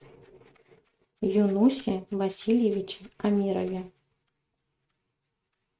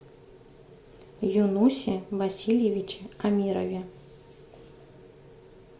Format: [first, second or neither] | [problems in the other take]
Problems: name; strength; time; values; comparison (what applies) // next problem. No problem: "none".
second | noise reduction (neural mask model RNNoise)